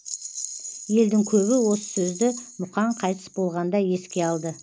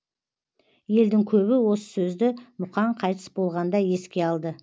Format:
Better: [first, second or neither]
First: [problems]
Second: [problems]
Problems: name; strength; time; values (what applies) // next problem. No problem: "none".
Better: second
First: background sound (Rattle); 13 dB below the speech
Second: none